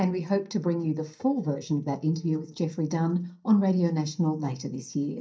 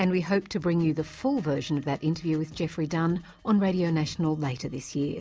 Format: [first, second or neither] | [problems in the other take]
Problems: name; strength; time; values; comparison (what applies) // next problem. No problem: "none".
second | noise reduction (neural mask model DeepFilterNet 3)